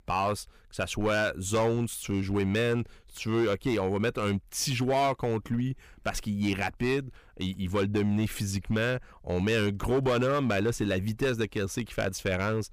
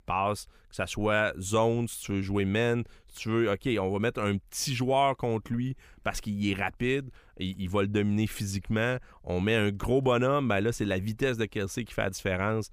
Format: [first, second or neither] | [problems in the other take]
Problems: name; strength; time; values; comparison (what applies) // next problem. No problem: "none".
second | distortion; slight; 6% of the sound clipped